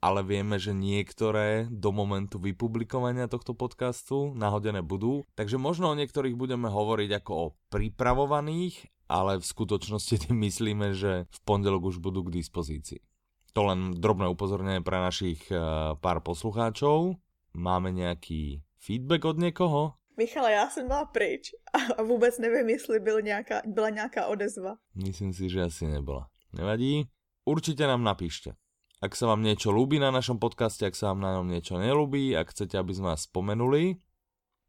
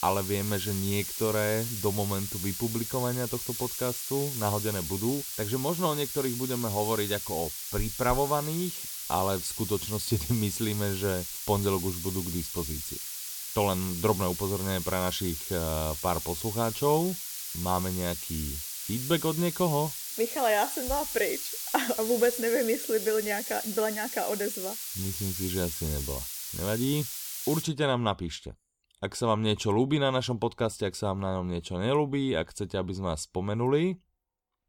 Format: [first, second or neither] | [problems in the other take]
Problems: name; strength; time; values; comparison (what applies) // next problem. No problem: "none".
first | hiss; loud; until 28 s; 4 dB below the speech